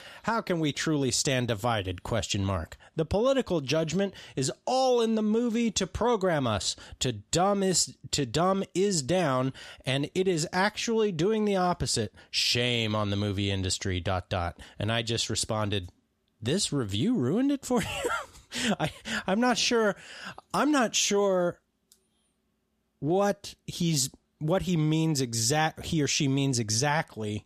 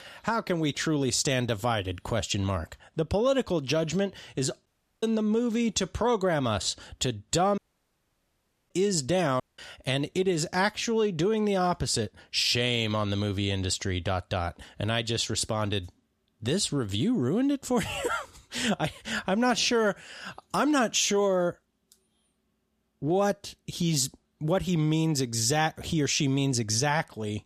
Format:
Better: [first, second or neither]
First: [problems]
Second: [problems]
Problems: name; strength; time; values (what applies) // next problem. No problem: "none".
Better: first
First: none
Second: audio cutting out; at 4.5 s, at 7.5 s for 1 s and at 9.5 s